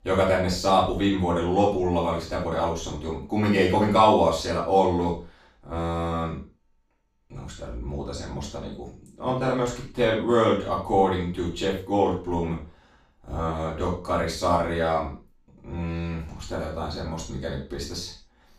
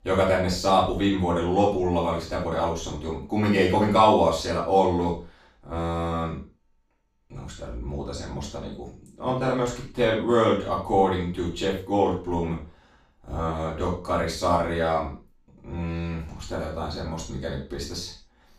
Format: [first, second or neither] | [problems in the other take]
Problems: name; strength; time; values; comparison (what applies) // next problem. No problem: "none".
neither | room echo; noticeable; dies away in 0.3 s; the same in both // off-mic speech; far; the same in both